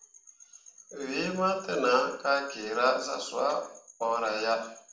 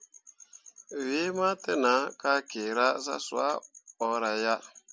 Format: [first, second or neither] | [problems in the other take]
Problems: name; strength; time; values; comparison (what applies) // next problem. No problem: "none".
second | room echo; dies away in 0.5 s